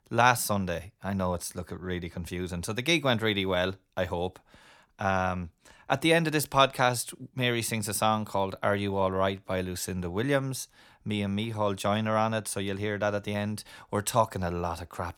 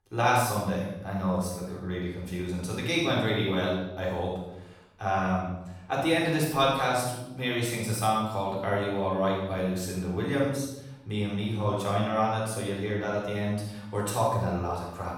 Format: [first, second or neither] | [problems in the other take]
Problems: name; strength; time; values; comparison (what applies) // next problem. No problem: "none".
first | off-mic speech; far // room echo; strong; dies away in 0.8 s